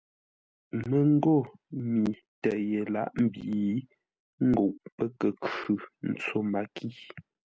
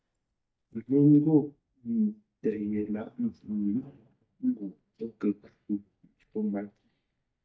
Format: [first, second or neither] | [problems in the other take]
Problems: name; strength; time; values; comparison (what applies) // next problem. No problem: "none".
first | noise reduction (neural mask model DeepFilterNet 3)